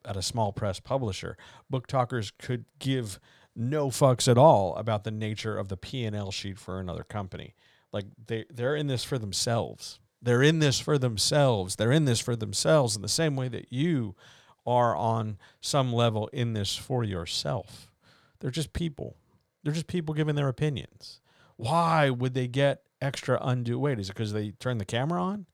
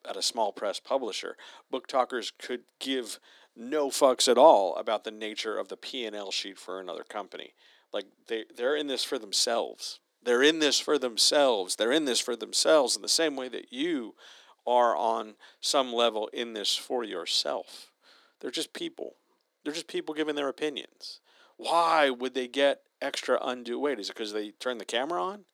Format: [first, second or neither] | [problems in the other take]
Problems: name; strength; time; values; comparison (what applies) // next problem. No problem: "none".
first | thin; somewhat; fading below 250 Hz